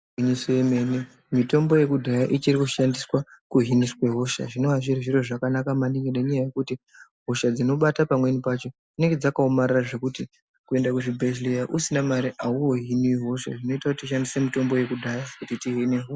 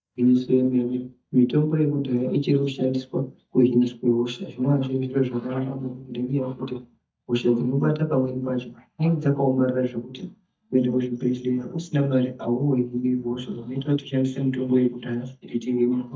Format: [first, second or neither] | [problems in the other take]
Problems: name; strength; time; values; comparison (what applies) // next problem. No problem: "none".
first | noise reduction (neural mask model DeepFilterNet 3)